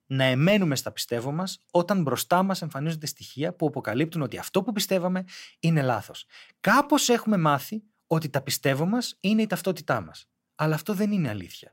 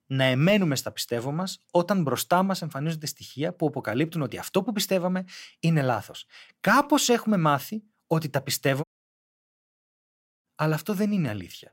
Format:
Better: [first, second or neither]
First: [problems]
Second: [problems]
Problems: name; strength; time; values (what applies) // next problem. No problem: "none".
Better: first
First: none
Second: audio cutting out; at 9 s for 1.5 s